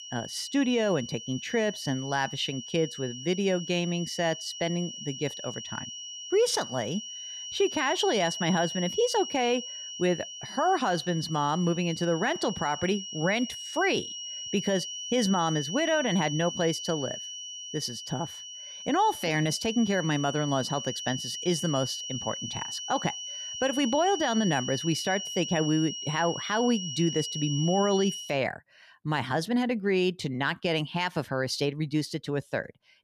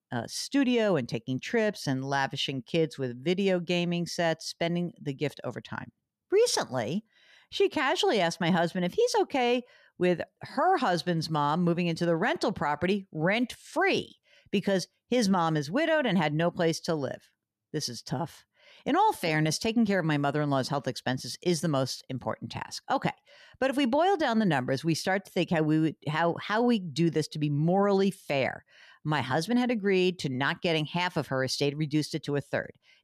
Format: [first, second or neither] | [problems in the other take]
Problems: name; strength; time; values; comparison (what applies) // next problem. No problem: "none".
second | high-pitched whine; loud; until 28 s; 3 kHz, 7 dB below the speech